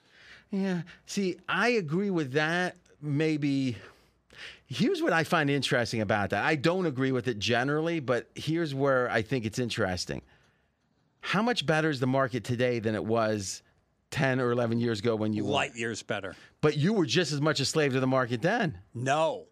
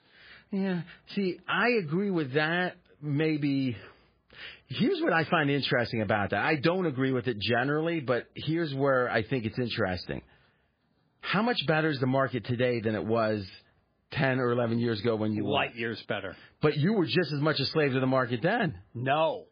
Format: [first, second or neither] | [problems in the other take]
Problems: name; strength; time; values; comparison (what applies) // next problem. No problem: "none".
first | garbled, watery; badly; nothing above 4.5 kHz